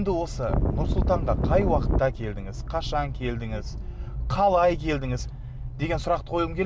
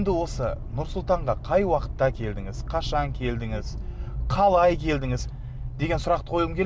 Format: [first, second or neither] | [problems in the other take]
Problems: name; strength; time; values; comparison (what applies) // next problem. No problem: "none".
second | background sound (Wind); 3 dB above the speech